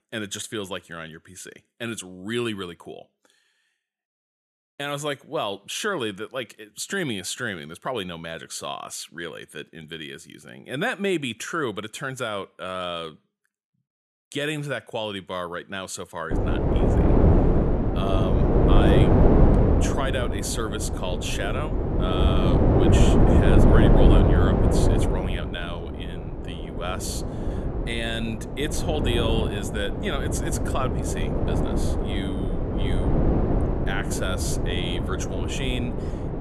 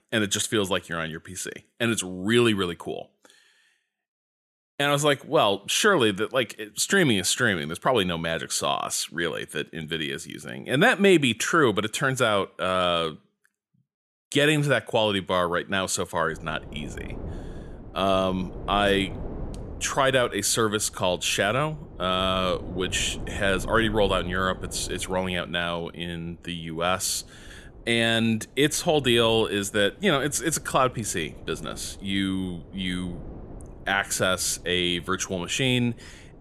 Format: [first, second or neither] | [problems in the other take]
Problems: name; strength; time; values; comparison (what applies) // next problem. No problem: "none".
second | wind noise on the microphone; heavy; from 16 s on; 3 dB above the speech; occasional gusts in the second